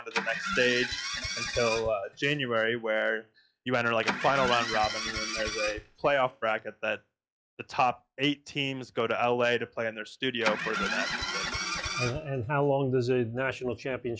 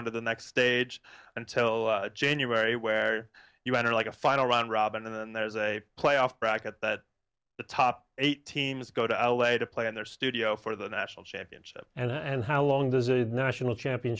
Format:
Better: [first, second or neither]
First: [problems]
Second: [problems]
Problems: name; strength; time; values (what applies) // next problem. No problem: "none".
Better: second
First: noise reduction (classical method log-MMSE)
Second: none